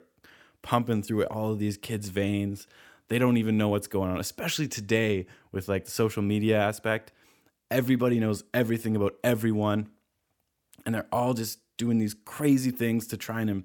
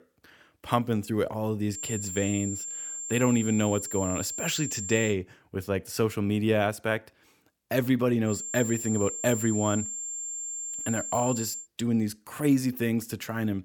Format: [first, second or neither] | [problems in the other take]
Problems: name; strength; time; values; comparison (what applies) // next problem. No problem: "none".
first | high-pitched whine; loud; from 2 to 5 s and from 8.5 to 12 s; 7.5 kHz, 5 dB below the speech